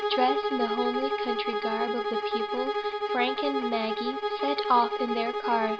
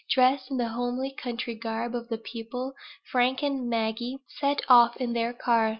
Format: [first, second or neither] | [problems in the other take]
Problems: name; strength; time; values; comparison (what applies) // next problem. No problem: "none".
second | background sound (Bowed string instrument); 1 dB above the speech